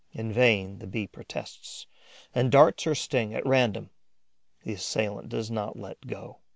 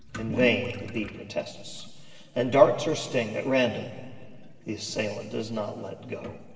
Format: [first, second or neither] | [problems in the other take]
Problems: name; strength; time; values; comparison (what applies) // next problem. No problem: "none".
first | background sound (Toilet flush / Liquid); 14 dB below the speech // room echo; dies away in 2.1 s